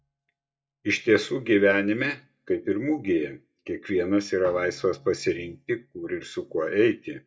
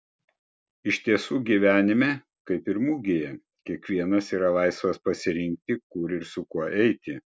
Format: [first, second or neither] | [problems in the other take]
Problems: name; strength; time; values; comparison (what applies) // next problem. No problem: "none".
second | noise reduction (neural mask model DeepFilterNet 3)